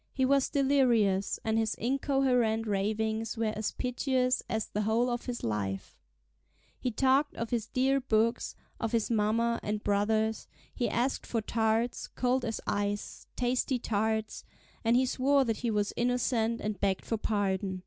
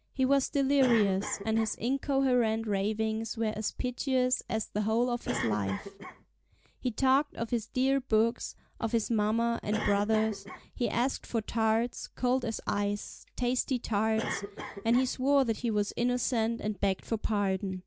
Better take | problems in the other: first | background sound (Cough); 15 dB below the speech

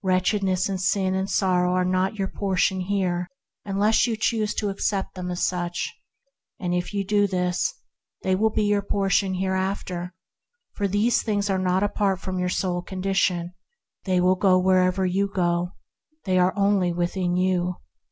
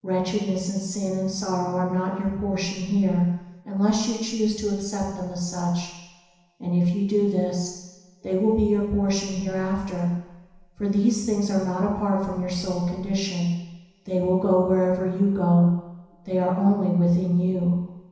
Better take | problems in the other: first | room echo; dies away in 1 s

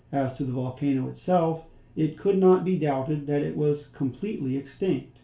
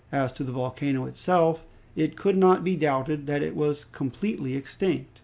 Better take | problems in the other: second | room echo; dies away in 0.3 s

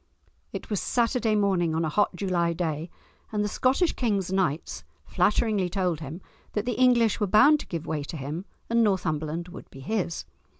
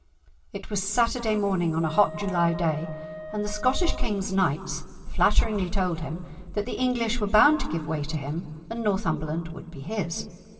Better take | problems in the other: first | background sound (Wind instrument, woodwind instrument); 15 dB below the speech // room echo; dies away in 2.9 s

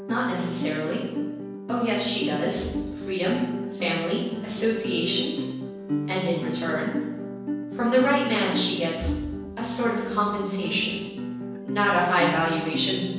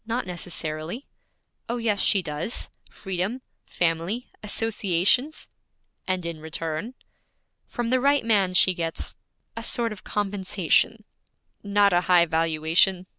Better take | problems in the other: second | background sound (Guitar); 5 dB below the speech // room echo; dies away in 1.1 s

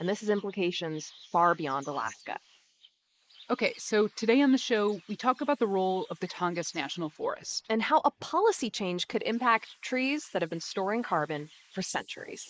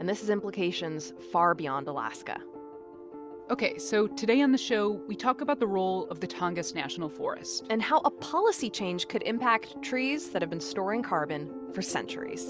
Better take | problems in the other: second | noise reduction (neural mask model Resemble Enhance denoiser)

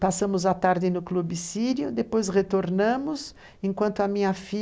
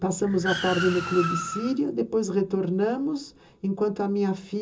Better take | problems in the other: first | background sound (Car); 7 dB below the speech // room echo; dies away in 0.2 s

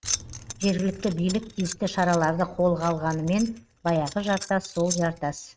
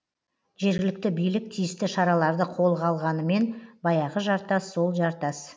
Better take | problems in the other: second | noise reduction (neural mask model RNNoise)

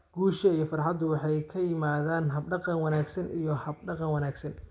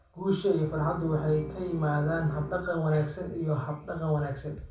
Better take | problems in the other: first | background sound (Bowed string instrument); 14 dB below the speech // room echo; dies away in 0.3 s

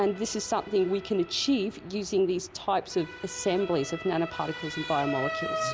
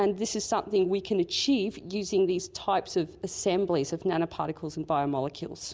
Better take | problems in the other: second | background sound (Motor vehicle (road) / Siren); 10 dB below the speech

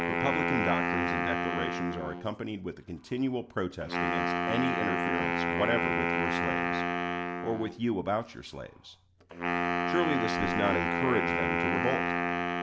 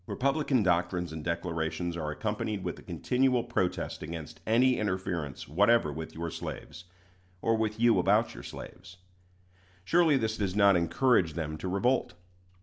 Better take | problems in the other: second | background sound (Wind instrument, woodwind instrument); 3 dB above the speech

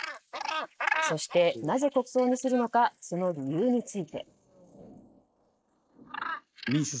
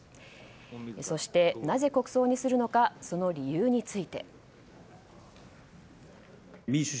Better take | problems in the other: second | noise reduction (neural mask model Resemble Enhance denoiser)

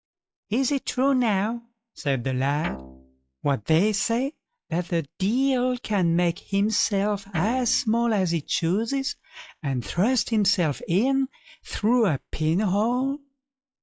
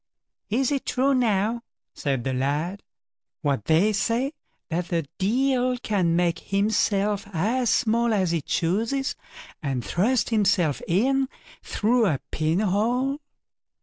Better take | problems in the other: second | noise reduction (classical method log-MMSE)

